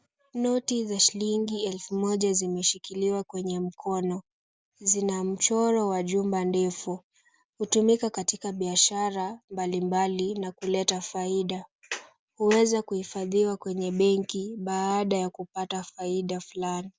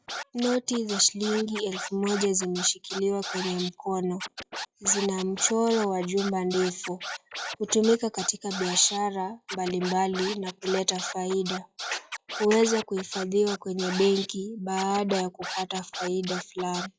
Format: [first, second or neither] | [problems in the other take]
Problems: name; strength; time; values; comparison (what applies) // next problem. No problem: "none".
first | noise reduction (classical method log-MMSE)